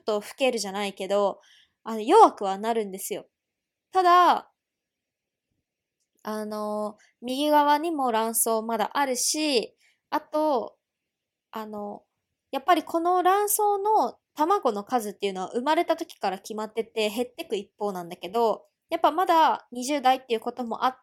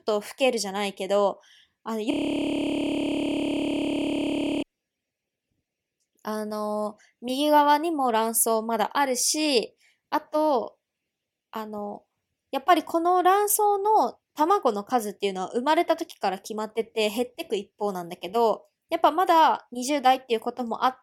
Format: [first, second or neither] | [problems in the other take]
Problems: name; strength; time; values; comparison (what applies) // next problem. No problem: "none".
first | audio freezing; at 2 s for 2.5 s